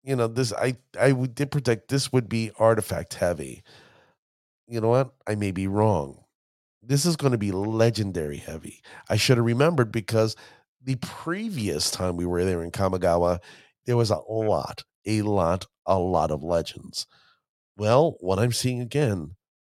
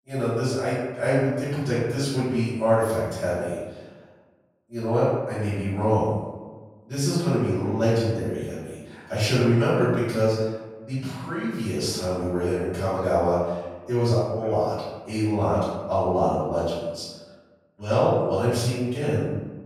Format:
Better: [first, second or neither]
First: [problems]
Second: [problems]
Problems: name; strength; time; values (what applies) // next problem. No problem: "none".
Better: first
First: none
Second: off-mic speech; far // room echo; strong; dies away in 1.1 s